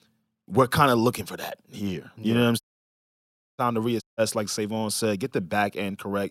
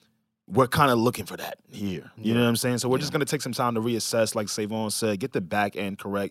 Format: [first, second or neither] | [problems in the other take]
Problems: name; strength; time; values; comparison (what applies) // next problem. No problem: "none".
second | audio cutting out; at 2.5 s for 1 s and at 4 s